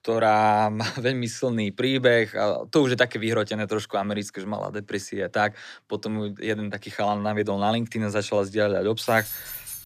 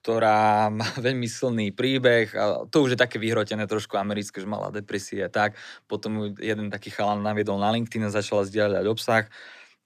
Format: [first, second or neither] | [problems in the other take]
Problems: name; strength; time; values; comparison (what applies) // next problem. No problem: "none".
second | jangling keys; noticeable; at 9 s; peak 8 dB below the speech